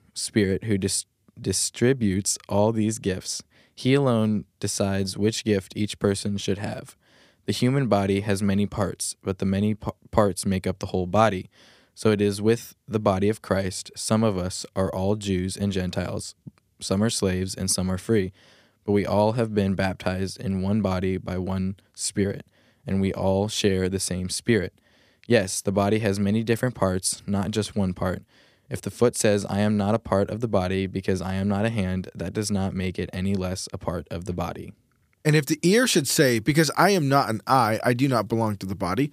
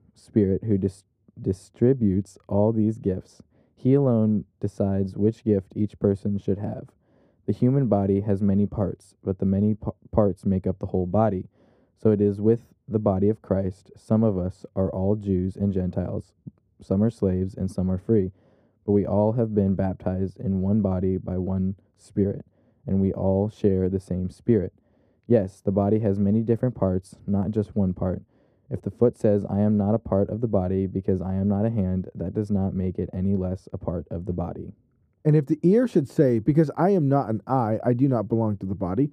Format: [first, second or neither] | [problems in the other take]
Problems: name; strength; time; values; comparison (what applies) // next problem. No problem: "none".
first | muffled; very; fading above 1.5 kHz